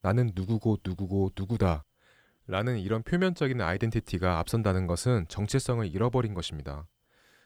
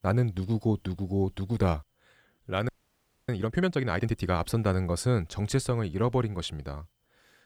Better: first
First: none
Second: audio freezing; at 2.5 s for 0.5 s

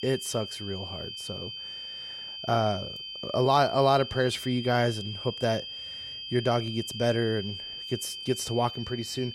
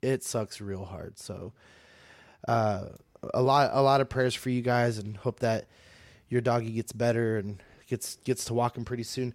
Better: second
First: high-pitched whine; loud; throughout; 3 kHz, 8 dB below the speech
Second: none

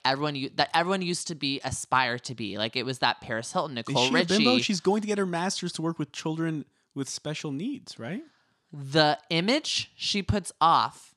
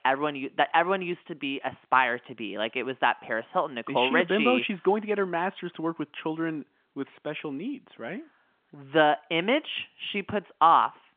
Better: first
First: none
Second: phone-call audio; nothing above 3.5 kHz

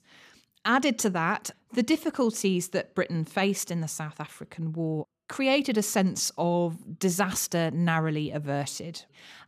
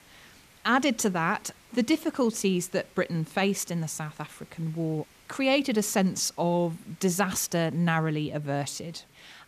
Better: first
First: none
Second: hiss; faint; throughout; 30 dB below the speech

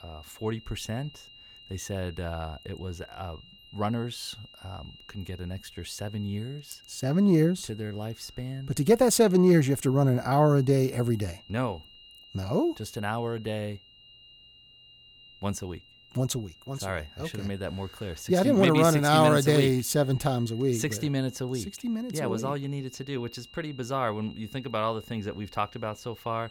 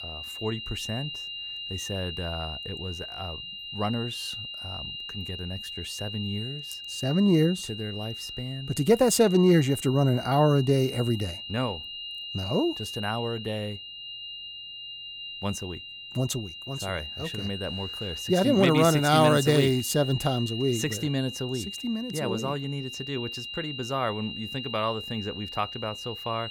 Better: first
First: high-pitched whine; faint; throughout; 3 kHz, 25 dB below the speech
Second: high-pitched whine; loud; throughout; 3 kHz, 9 dB below the speech

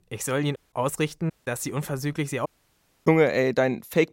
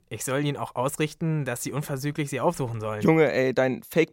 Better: second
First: audio cutting out; at 0.5 s, at 1.5 s and at 2.5 s for 0.5 s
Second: none

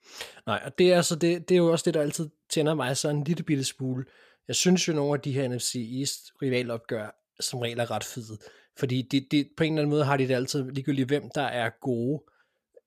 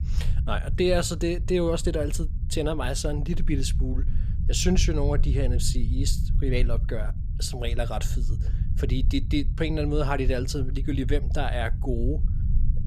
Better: first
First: none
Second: low rumble; noticeable; throughout; 15 dB below the speech

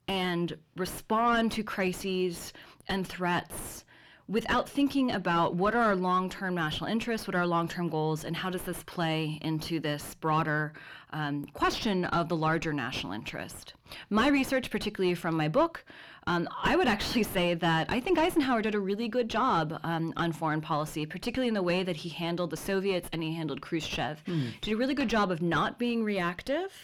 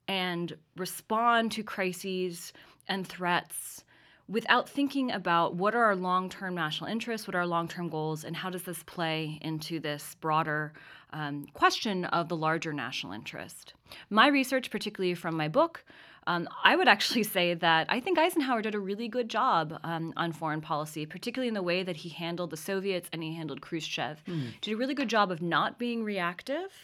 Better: second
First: distortion; heavy; 5 dB below the speech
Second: none

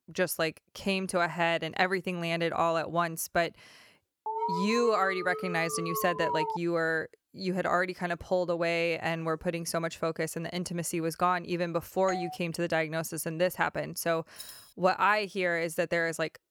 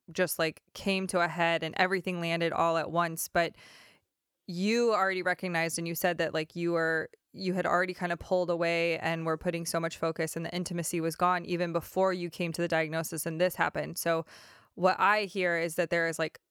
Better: second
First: alarm; noticeable; from 4.5 to 6.5 s; peak 2 dB below the speech // doorbell; noticeable; at 12 s; peak 8 dB below the speech // jangling keys; faint; at 14 s; peak 15 dB below the speech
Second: none

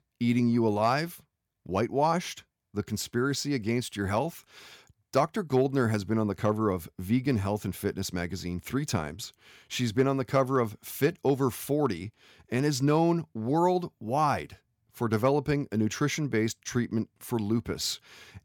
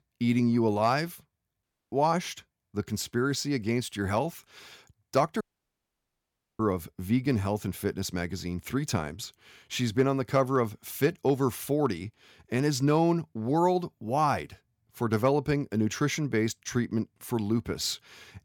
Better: first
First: none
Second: audio cutting out; at 1.5 s and at 5.5 s for 1 s

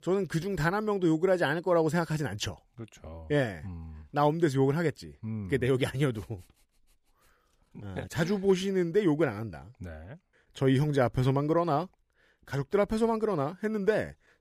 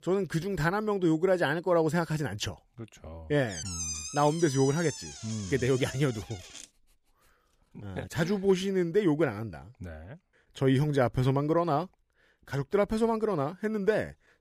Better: first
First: none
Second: door banging; noticeable; from 3.5 to 6.5 s; peak 5 dB below the speech

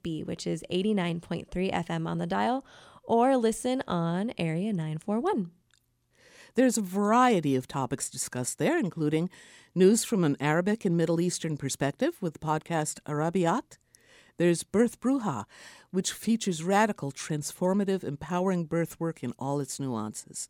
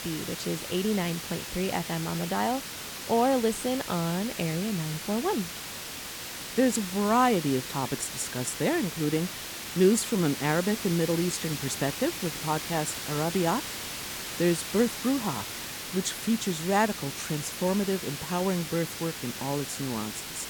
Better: first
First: none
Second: hiss; loud; throughout; 6 dB below the speech

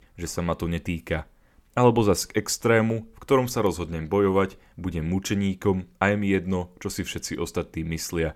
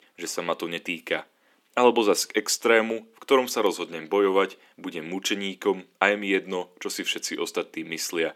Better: first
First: none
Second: thin; somewhat; fading below 250 Hz

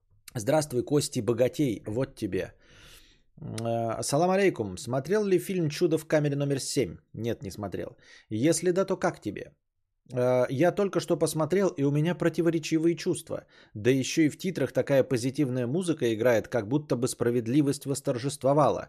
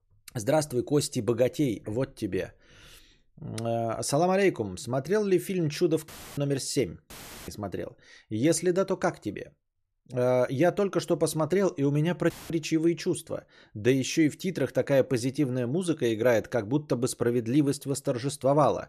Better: first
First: none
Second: audio cutting out; filled with static; at 6 s, at 7 s and at 12 s

